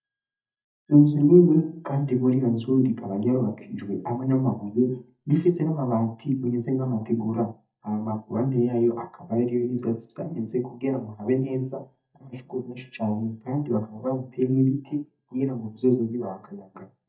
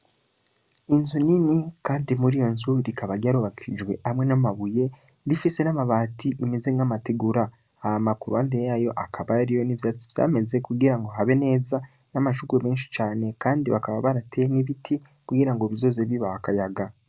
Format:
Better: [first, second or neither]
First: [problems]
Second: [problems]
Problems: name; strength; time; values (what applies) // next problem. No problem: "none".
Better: second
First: noise reduction (neural mask model DeepFilterNet 3)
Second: none